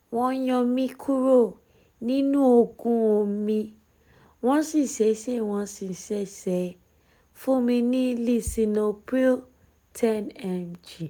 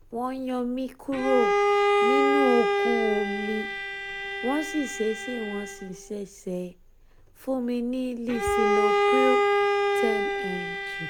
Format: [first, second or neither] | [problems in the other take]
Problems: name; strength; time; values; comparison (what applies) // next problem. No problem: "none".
first | background sound (Bowed string instrument); 4 dB above the speech